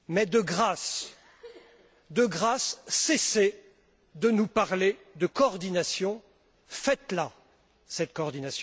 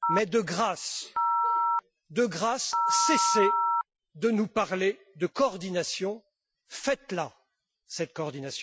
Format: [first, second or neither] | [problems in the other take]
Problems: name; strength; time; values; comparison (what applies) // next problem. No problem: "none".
first | noise reduction (classical method Wiener filter)